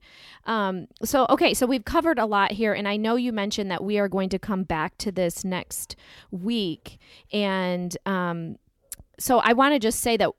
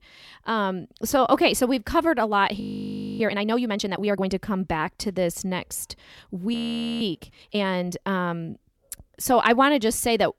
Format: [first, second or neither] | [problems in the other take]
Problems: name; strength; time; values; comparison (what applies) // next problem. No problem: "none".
first | audio freezing; at 2.5 s for 0.5 s and at 6.5 s